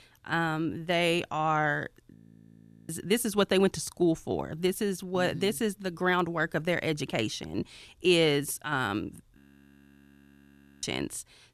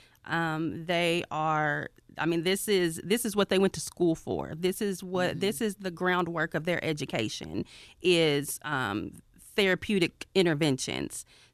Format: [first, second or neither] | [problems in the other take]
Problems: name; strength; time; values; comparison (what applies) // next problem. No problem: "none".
second | audio freezing; at 2 s for 0.5 s and at 9.5 s for 1.5 s